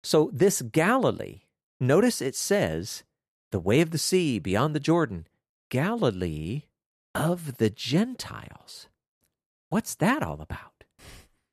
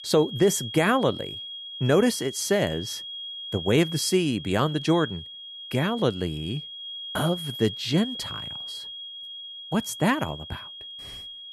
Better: first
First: none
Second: high-pitched whine; noticeable; throughout; 3.5 kHz, 10 dB below the speech

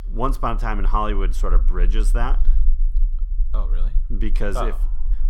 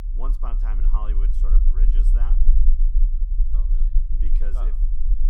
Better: first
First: low rumble; faint; throughout; 25 dB below the speech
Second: low rumble; loud; throughout; 6 dB below the speech

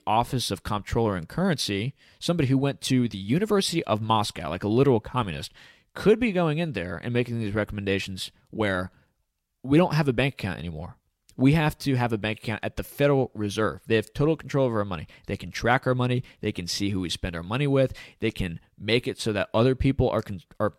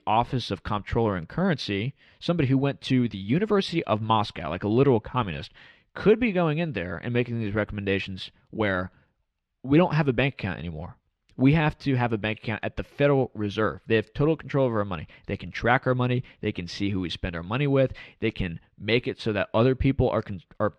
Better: first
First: none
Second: muffled; very slightly; fading above 3 kHz

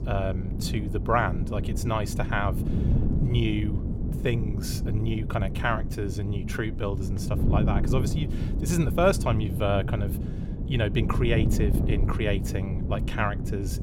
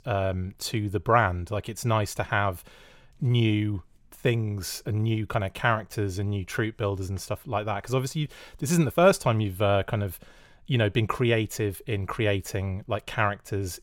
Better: second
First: wind noise on the microphone; heavy; 9 dB below the speech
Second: none

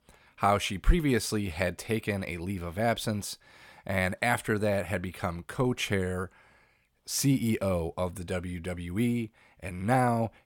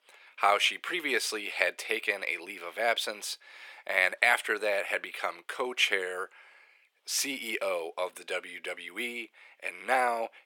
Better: first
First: none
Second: thin; very; fading below 400 Hz

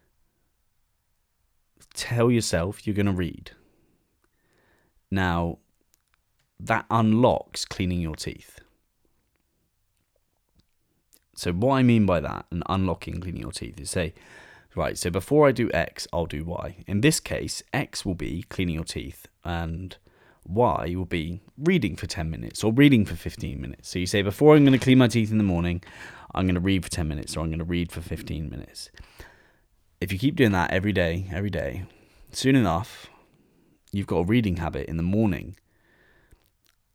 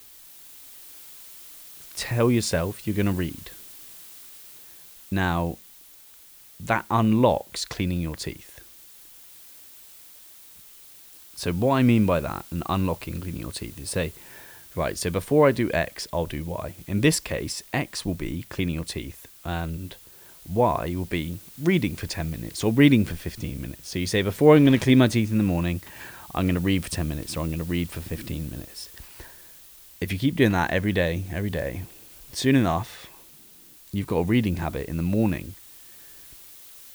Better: first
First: none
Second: hiss; noticeable; throughout; 20 dB below the speech

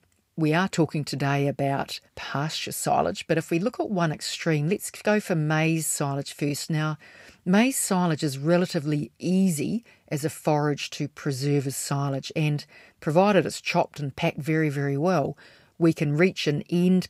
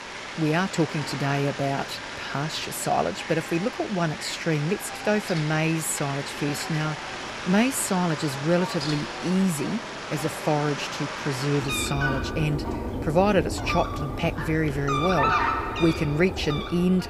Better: first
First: none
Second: animal sounds; loud; throughout; 5 dB below the speech

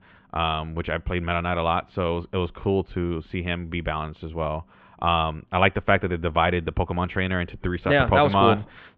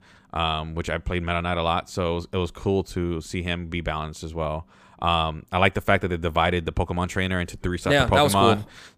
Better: second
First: muffled; very; fading above 3 kHz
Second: none

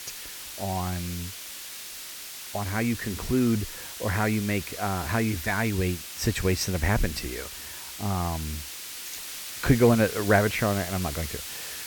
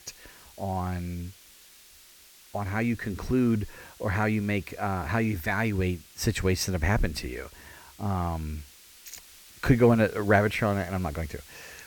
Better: second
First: hiss; loud; throughout; 9 dB below the speech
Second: hiss; faint; throughout; 20 dB below the speech

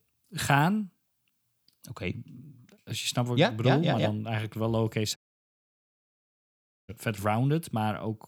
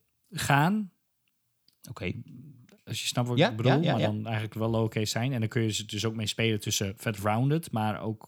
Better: second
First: audio cutting out; at 5 s for 1.5 s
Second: none

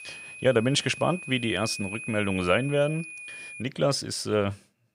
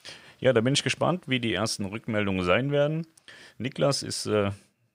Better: second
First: high-pitched whine; noticeable; until 3.5 s; 2.5 kHz, 10 dB below the speech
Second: none

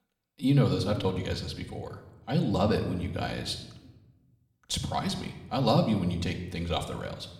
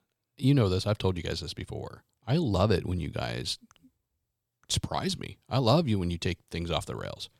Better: second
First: room echo; slight; dies away in 0.8 s // off-mic speech; somewhat distant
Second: none

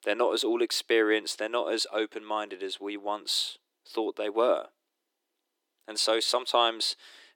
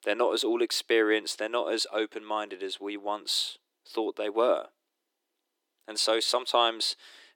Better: neither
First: thin; very; fading below 300 Hz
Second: thin; very; fading below 300 Hz

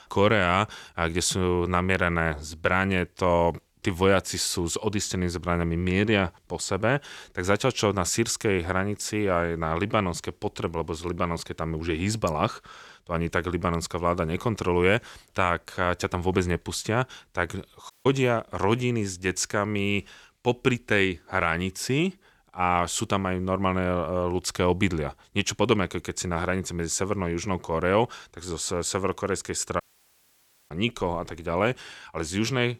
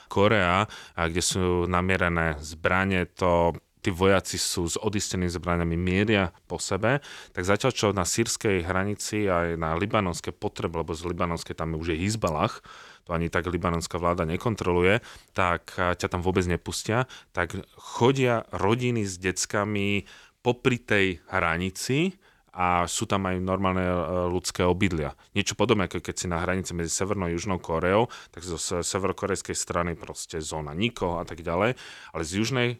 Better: second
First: audio cutting out; at 18 s and at 30 s for 1 s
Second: none

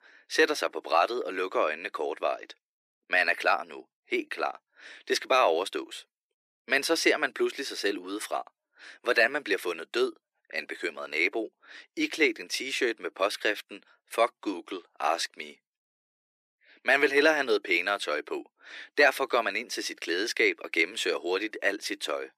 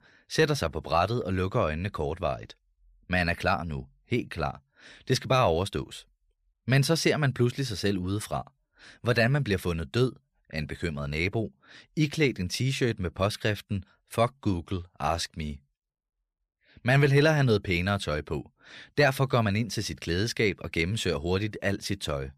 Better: second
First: thin; very; fading below 300 Hz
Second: none

